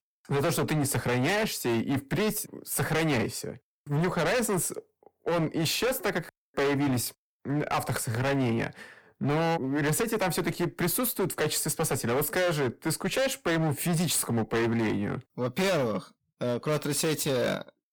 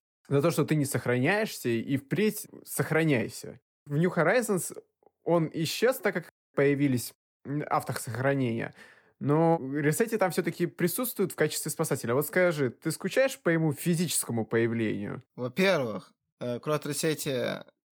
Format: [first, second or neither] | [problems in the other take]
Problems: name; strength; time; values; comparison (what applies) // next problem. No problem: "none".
second | distortion; heavy; 22% of the sound clipped